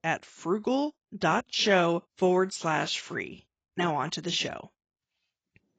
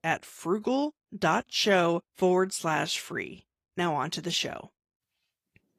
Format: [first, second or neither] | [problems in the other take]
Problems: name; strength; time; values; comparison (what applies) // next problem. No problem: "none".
second | garbled, watery; badly; nothing above 7.5 kHz; slightly in the second